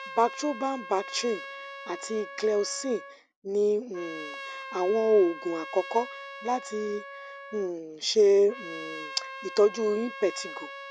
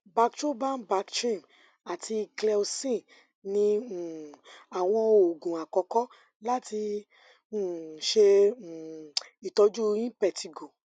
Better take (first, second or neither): second